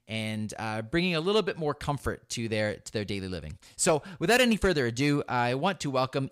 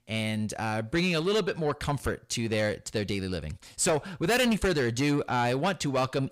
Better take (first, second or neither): first